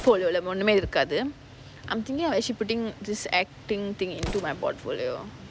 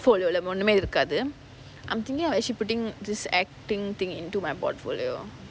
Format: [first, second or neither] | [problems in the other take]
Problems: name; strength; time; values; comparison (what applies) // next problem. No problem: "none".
second | background sound (Explosion); 17 dB below the speech